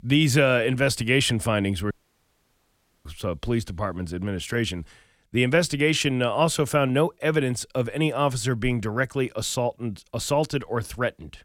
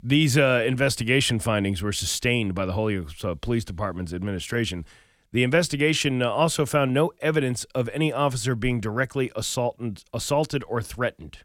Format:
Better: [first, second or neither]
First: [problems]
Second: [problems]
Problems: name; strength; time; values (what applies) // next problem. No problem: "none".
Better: second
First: audio cutting out; at 2 s for 1 s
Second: none